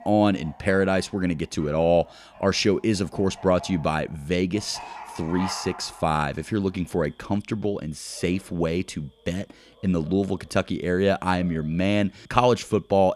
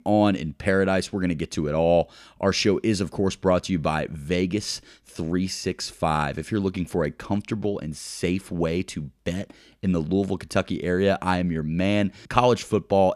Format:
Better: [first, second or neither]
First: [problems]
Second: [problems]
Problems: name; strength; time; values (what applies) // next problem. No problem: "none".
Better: second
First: animal sounds; noticeable; throughout; 20 dB below the speech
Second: none